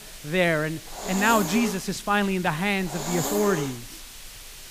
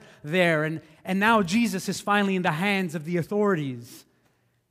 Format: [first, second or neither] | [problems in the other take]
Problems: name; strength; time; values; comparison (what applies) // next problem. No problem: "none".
second | hiss; loud; throughout; 8 dB below the speech